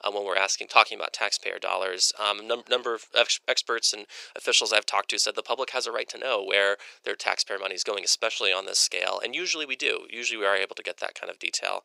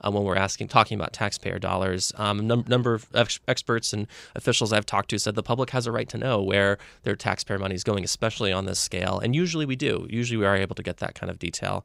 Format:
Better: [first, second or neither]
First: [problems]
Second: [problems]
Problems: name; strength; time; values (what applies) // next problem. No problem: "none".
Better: second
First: thin; very; fading below 450 Hz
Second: none